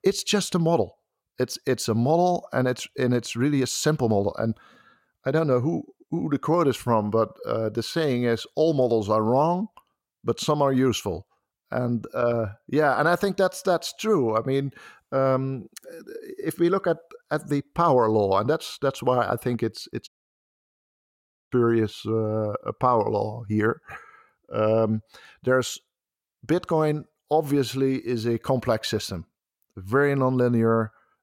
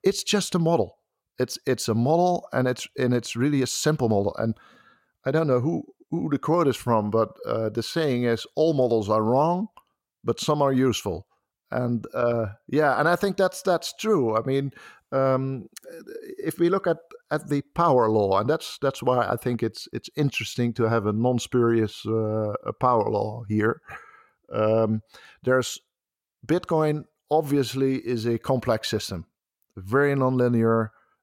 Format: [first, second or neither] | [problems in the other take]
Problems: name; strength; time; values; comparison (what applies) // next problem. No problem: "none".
second | audio cutting out; at 20 s for 1.5 s